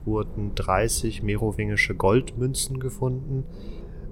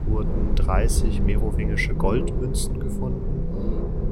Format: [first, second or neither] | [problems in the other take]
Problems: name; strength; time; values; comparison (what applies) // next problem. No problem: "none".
first | low rumble; loud; throughout; 5 dB below the speech; faint in the first